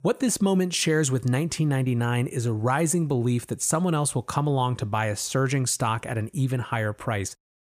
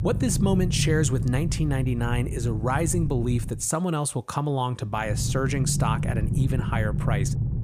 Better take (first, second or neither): first